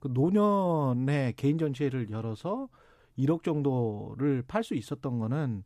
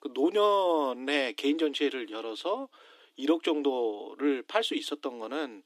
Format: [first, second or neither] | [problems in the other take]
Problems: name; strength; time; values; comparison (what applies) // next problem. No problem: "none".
first | thin; somewhat; fading below 300 Hz